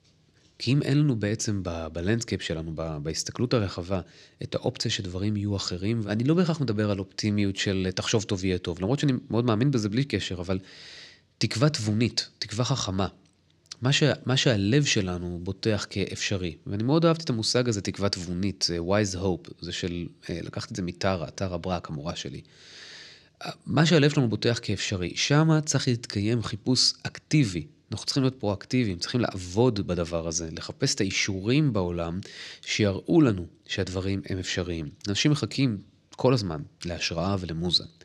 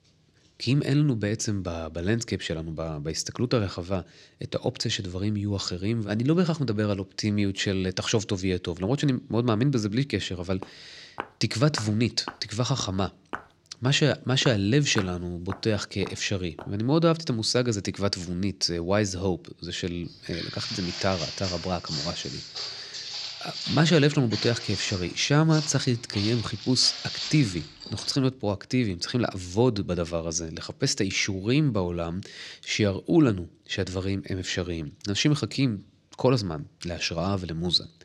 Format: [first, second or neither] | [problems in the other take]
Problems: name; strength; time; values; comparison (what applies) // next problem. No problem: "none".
first | footsteps; faint; from 11 to 17 s; peak 10 dB below the speech // footsteps; noticeable; from 20 to 28 s; peak 5 dB below the speech